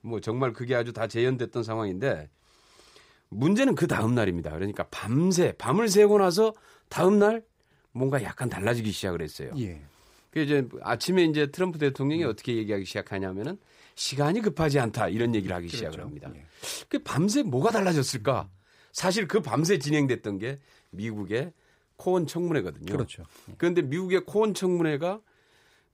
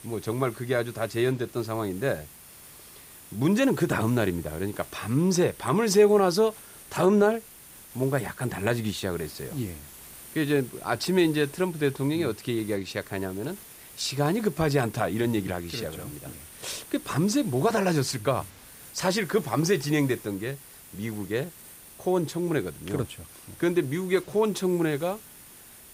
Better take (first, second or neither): first